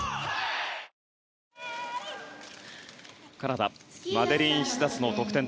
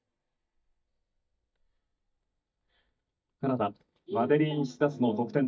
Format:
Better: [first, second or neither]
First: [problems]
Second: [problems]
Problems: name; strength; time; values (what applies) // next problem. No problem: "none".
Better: first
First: none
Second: noise reduction (neural mask model DeepFilterNet 3)